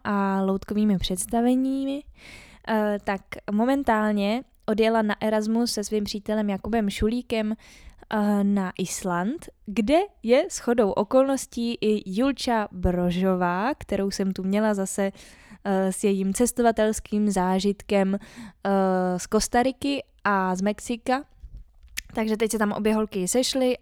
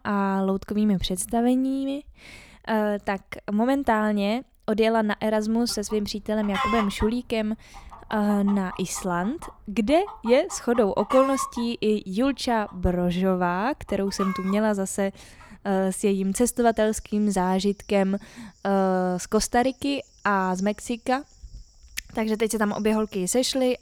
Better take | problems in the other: first | animal sounds; noticeable; from 5 s on; 10 dB below the speech

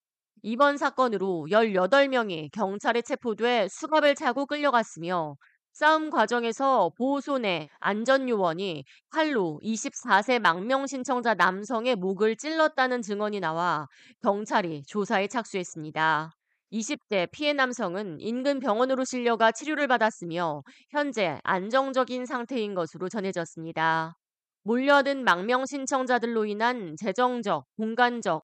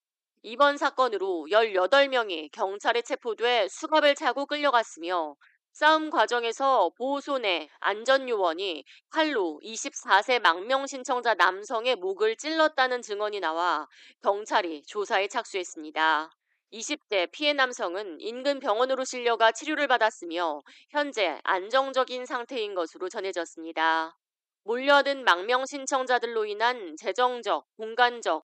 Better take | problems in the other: first | thin; somewhat; fading below 300 Hz

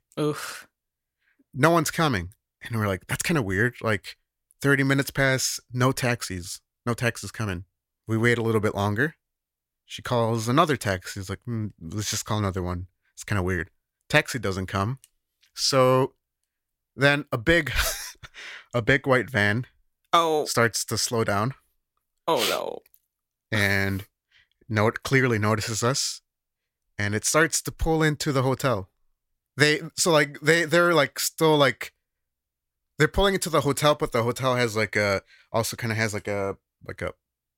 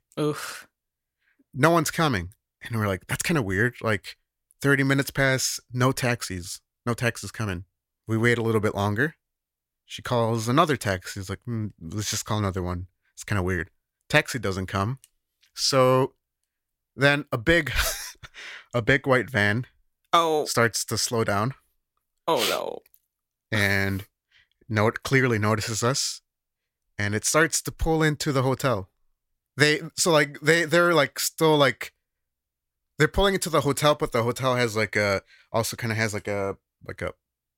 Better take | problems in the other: neither | none

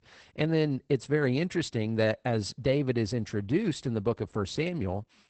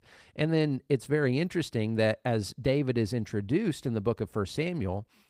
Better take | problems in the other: second | garbled, watery; badly; nothing above 8 kHz; slightly in the second

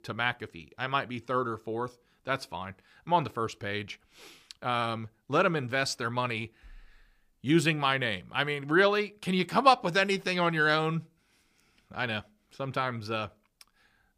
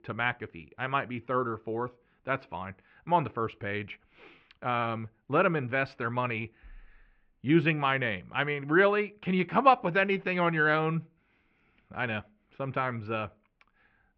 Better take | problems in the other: first | muffled; very; fading above 2.5 kHz

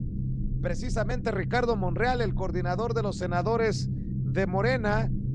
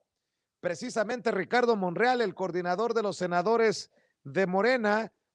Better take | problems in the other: second | low rumble; noticeable; throughout; 15 dB below the speech

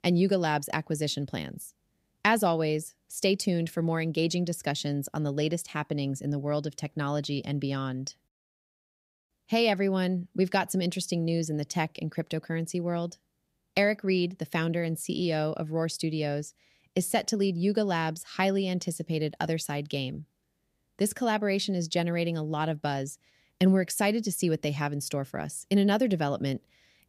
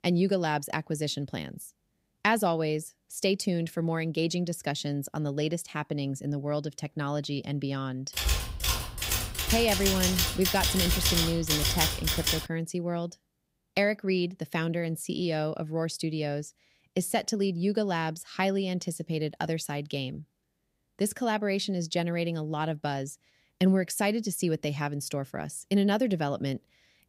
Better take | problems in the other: first | keyboard typing; loud; from 8 to 12 s; peak 5 dB above the speech

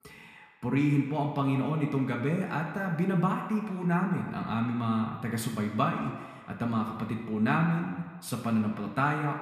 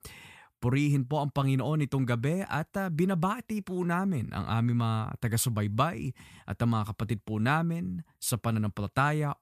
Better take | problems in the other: second | room echo; noticeable; dies away in 1.6 s // off-mic speech; somewhat distant

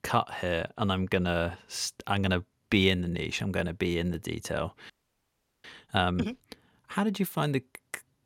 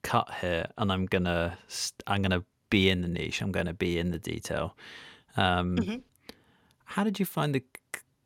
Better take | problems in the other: second | audio freezing; at 5 s for 0.5 s

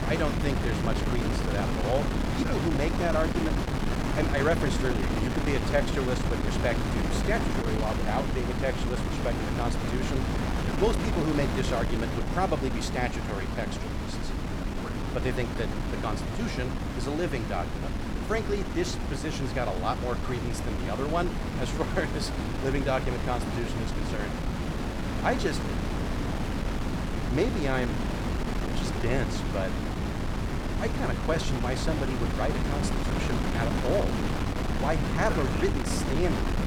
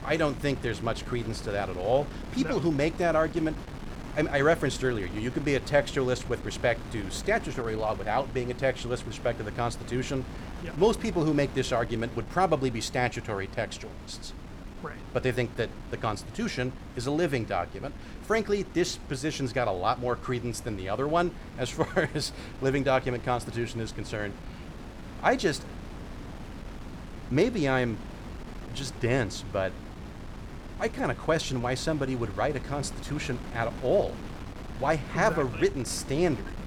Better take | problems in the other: second | wind noise on the microphone; heavy; 2 dB below the speech; occasional gusts in the second

